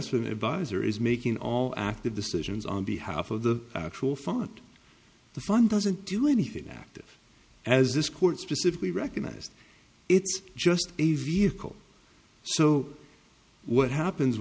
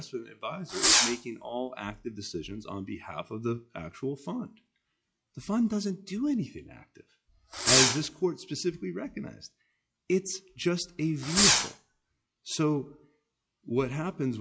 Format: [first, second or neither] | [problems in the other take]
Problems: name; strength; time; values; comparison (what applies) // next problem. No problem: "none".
first | noise reduction (classical method log-MMSE)